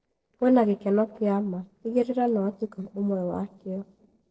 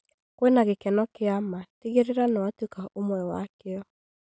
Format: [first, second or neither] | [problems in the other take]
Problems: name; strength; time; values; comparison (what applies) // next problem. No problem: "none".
second | noise reduction (neural separator model SepFormer DNS4)